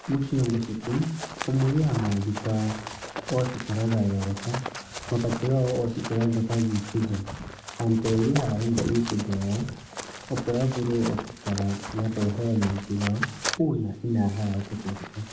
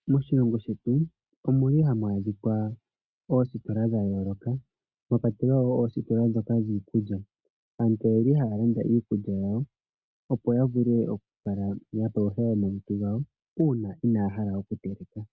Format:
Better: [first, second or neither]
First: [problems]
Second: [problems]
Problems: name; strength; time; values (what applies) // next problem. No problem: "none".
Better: second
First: background sound (Run); 11 dB below the speech // room echo; dies away in 0.5 s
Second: none